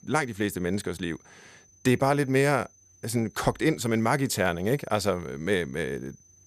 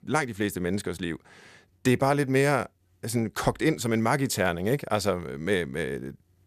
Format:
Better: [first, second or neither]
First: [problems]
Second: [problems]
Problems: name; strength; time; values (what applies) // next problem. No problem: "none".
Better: second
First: high-pitched whine; faint; throughout; 6 kHz, 30 dB below the speech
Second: none